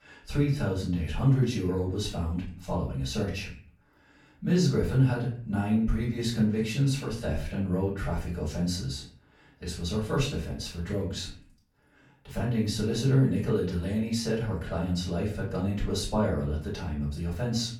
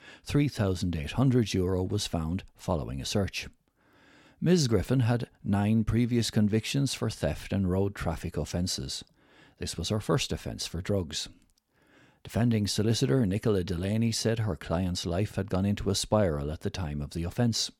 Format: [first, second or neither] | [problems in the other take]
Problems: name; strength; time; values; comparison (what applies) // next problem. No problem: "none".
second | off-mic speech; far // room echo; slight; dies away in 0.4 s